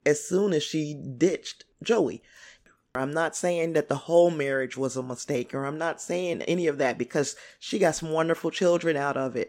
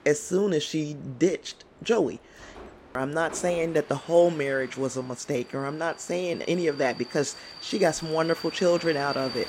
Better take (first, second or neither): first